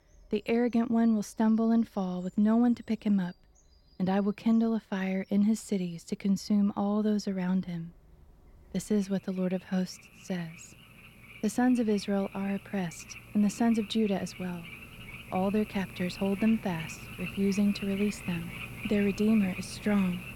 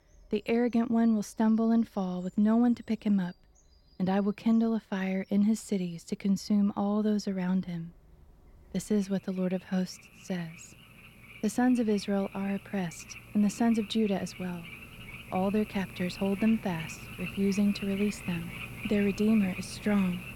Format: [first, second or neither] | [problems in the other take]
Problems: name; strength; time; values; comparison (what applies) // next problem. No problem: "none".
neither | animal sounds; noticeable; throughout; 15 dB below the speech; the same in both